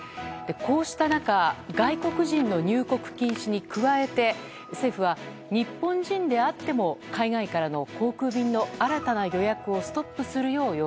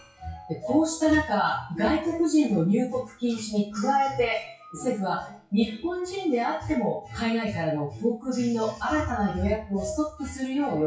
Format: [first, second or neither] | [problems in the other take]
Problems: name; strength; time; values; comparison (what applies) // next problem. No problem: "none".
first | noise reduction (classical method WPE with log-MMSE)